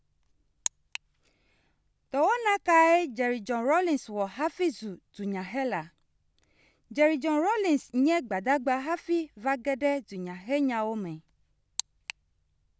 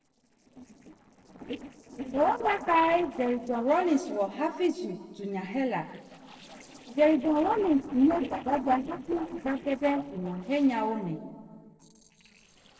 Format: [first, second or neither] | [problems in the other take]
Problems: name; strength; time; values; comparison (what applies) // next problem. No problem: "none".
first | noise reduction (neural separator model SepFormer DNS4)